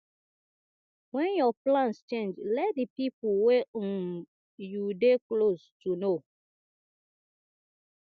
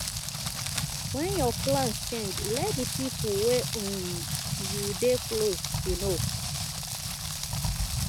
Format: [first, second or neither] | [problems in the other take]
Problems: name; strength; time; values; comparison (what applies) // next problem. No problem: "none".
first | background sound (Rain); as loud as the speech